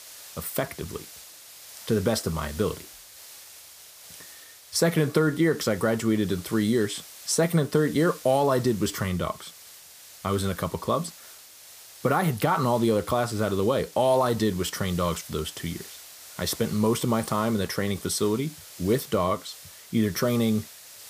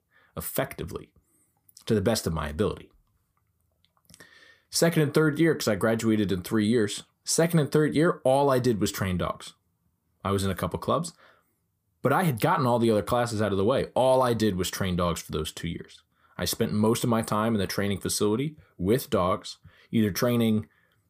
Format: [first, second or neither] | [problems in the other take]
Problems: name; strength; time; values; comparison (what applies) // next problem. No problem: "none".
second | hiss; noticeable; throughout; 15 dB below the speech